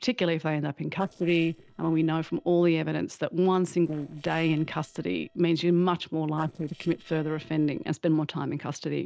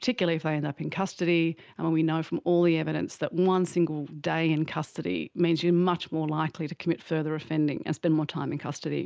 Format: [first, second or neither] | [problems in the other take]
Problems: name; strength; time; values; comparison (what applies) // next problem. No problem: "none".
second | noise reduction (neural separator model SepFormer DNS4)